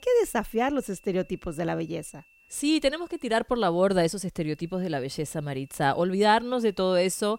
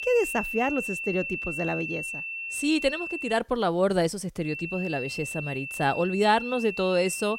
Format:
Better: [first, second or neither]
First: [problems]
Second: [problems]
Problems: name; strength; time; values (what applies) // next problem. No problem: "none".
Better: first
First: high-pitched whine; faint; until 3.5 s and from 4.5 s on; 2.5 kHz, 30 dB below the speech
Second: high-pitched whine; loud; until 3.5 s and from 4.5 s on; 2.5 kHz, 5 dB below the speech